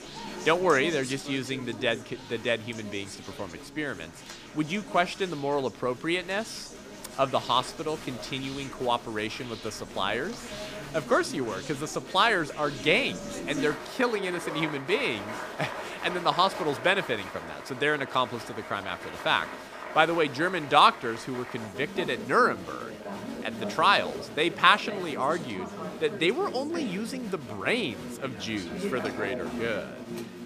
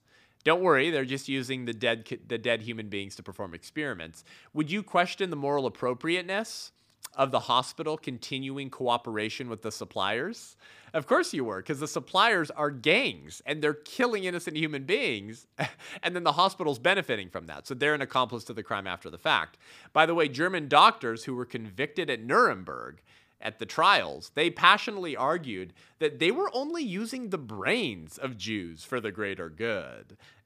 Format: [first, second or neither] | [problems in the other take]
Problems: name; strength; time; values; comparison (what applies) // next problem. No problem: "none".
second | crowd noise; noticeable; throughout; 10 dB below the speech